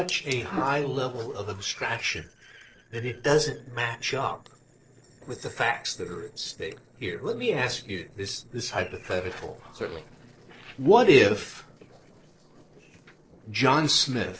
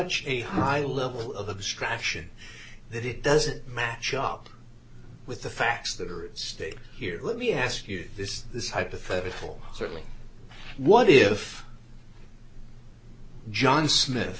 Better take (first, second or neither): second